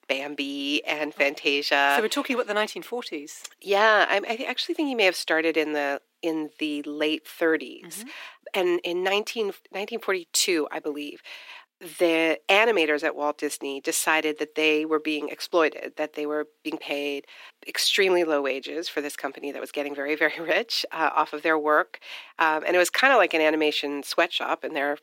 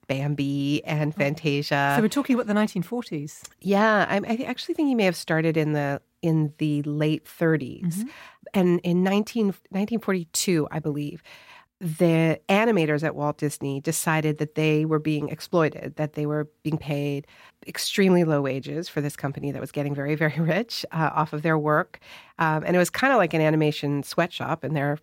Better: second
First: thin; somewhat; fading below 300 Hz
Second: none

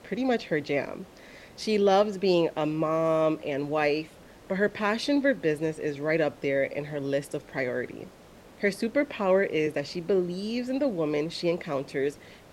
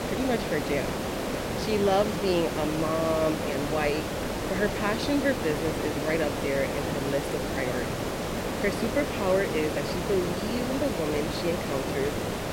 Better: first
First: hiss; faint; throughout; 25 dB below the speech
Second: hiss; loud; throughout; 1 dB below the speech

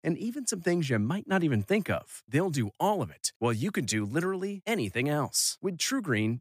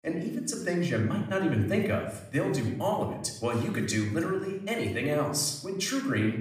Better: first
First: none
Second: room echo; slight; dies away in 0.7 s // off-mic speech; somewhat distant

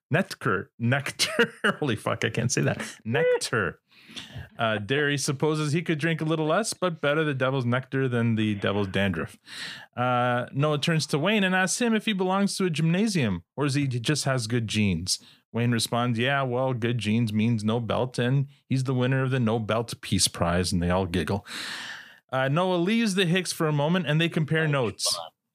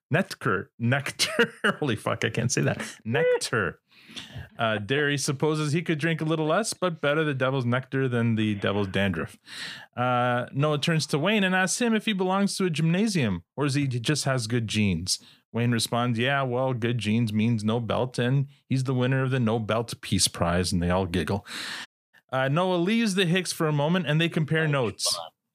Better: first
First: none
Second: audio cutting out; at 22 s

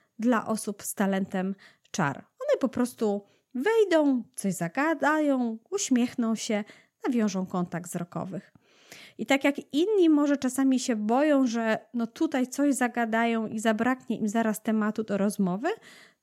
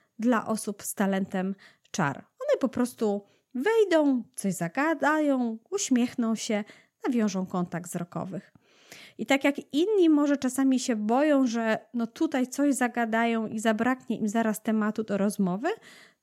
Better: neither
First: none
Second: none

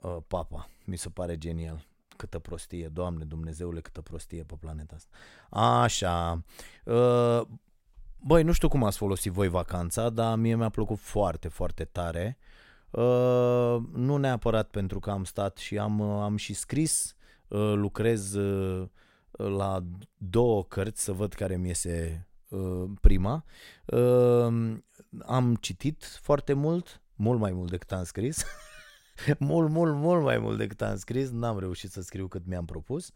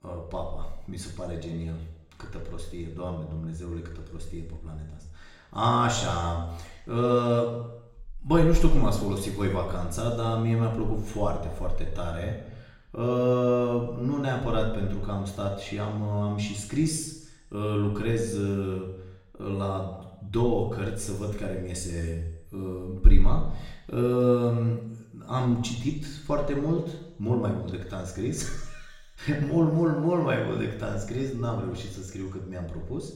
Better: first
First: none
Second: room echo; noticeable; dies away in 0.9 s // off-mic speech; far

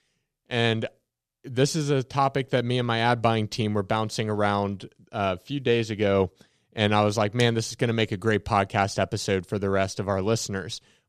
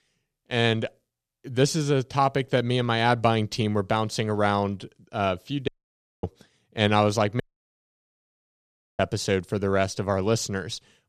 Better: first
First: none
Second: audio cutting out; at 5.5 s for 0.5 s and at 7.5 s for 1.5 s

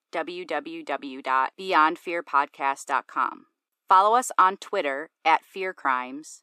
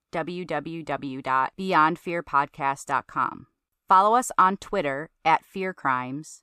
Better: second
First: thin; very slightly; fading below 300 Hz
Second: none

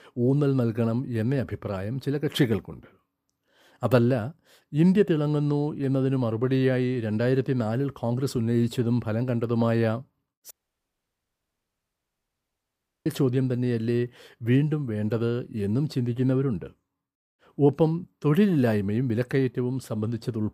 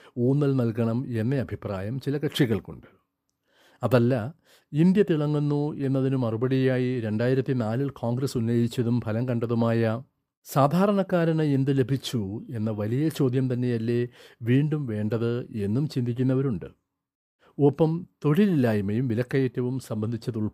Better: second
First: audio cutting out; at 11 s for 2.5 s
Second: none

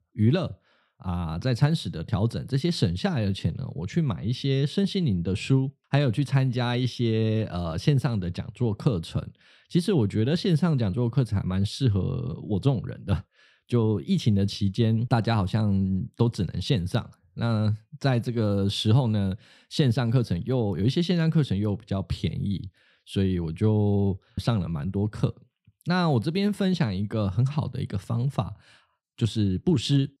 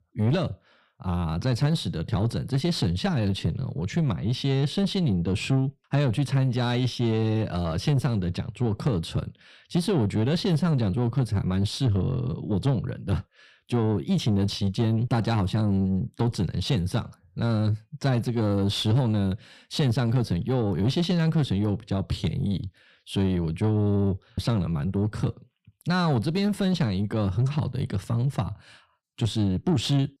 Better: first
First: none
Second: distortion; slight; 10 dB below the speech

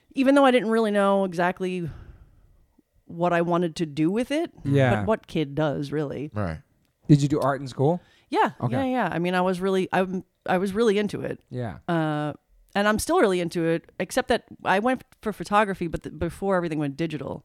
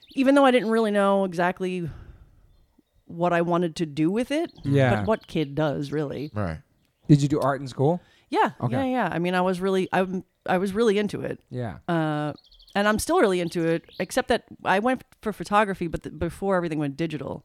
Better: first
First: none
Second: animal sounds; faint; throughout; 30 dB below the speech

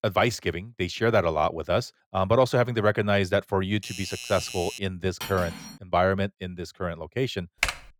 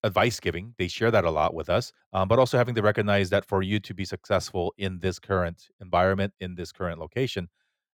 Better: second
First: doorbell; noticeable; from 3.5 to 5 s; peak 9 dB below the speech // clattering dishes; noticeable; at 5 s; peak 10 dB below the speech // keyboard typing; noticeable; at 7.5 s; peak 2 dB below the speech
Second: none

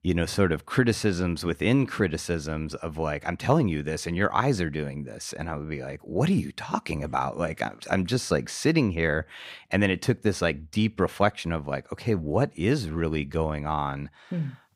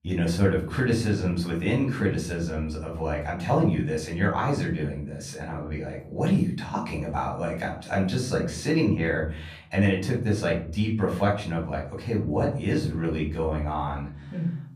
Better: first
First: none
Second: off-mic speech; far // room echo; slight; dies away in 0.6 s

